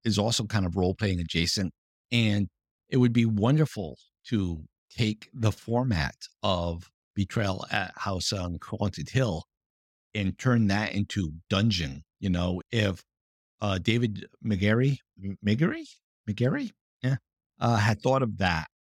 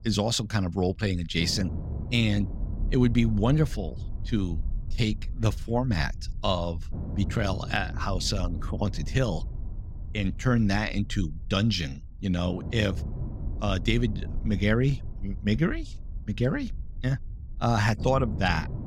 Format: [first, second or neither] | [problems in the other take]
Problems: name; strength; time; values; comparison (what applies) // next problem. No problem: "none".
first | low rumble; noticeable; throughout; 20 dB below the speech